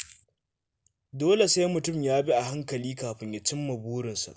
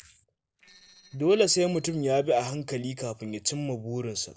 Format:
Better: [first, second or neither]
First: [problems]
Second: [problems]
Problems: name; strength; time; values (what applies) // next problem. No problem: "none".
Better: first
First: none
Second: noise reduction (neural separator model SepFormer DNS4)